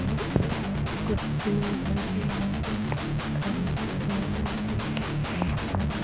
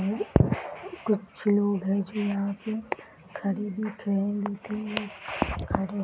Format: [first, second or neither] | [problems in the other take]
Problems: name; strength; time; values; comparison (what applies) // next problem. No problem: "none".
second | background sound (Guitar); 5 dB above the speech